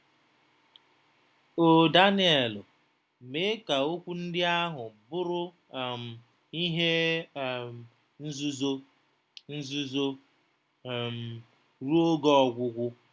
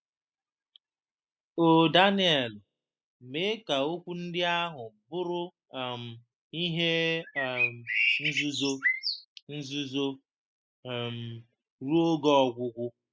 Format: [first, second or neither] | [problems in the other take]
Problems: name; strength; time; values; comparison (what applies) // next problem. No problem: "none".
first | noise reduction (classical method spectral subtraction)